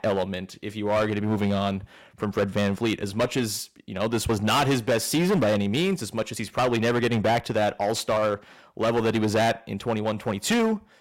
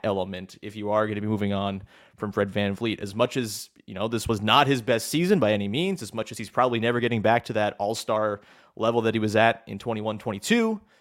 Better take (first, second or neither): second